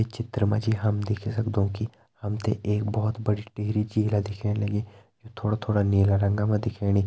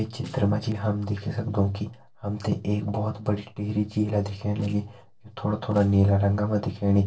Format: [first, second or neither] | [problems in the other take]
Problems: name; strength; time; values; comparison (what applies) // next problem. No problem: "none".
first | noise reduction (neural separator model SepFormer DNS4)